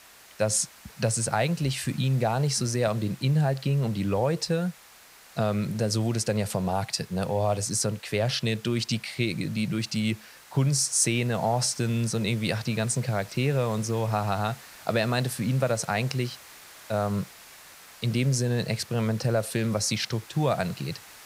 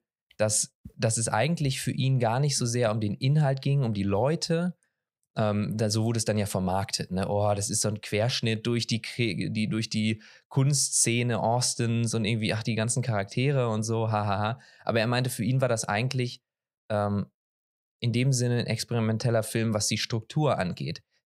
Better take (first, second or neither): second